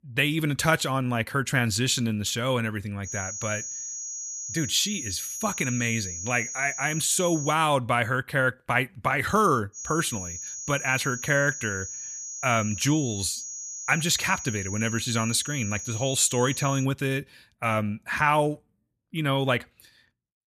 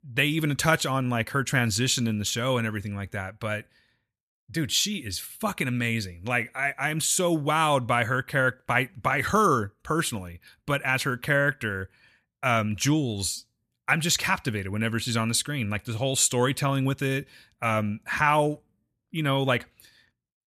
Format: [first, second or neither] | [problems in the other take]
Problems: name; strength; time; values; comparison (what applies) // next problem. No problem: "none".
second | high-pitched whine; loud; from 3 to 7.5 s and from 10 to 17 s; 6.5 kHz, 7 dB below the speech